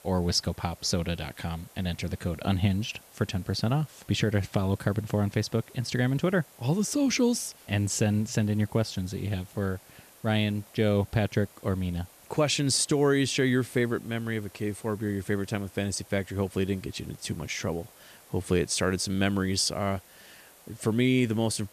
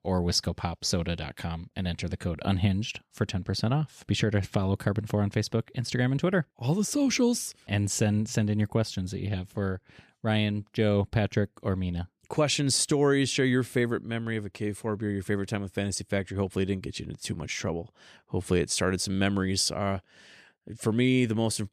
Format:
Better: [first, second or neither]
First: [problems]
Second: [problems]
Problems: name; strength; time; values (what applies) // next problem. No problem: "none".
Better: second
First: hiss; faint; throughout; 25 dB below the speech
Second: none